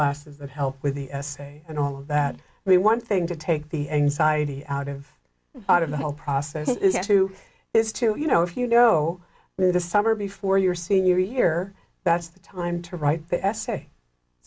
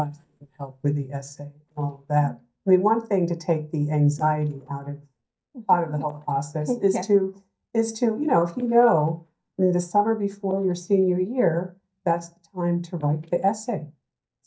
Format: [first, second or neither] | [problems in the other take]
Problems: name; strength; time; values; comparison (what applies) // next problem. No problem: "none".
first | noise reduction (neural mask model DeepFilterNet 3)